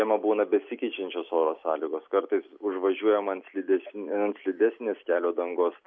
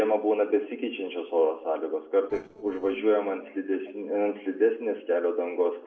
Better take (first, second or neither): first